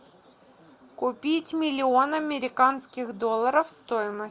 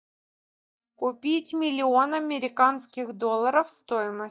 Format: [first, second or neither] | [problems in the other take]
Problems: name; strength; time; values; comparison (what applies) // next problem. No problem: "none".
first | noise reduction (neural mask model DeepFilterNet 3)